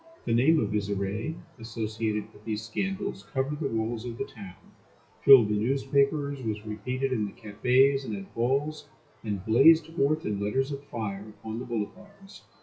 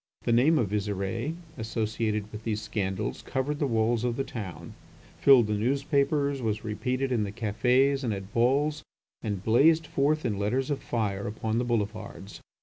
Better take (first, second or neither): second